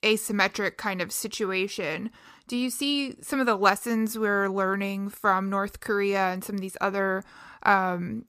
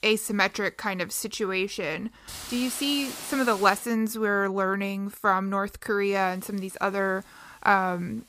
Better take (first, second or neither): first